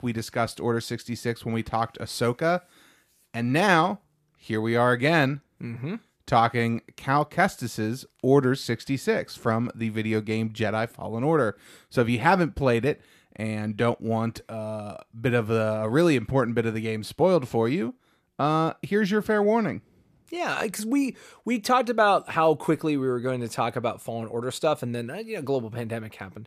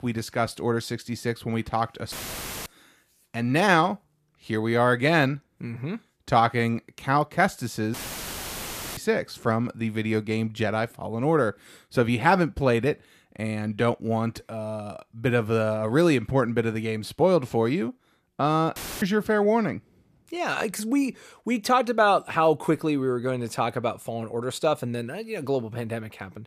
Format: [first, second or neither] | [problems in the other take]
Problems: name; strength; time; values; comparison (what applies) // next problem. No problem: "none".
first | audio cutting out; filled with static; at 2 s for 0.5 s, at 8 s for 1 s and at 19 s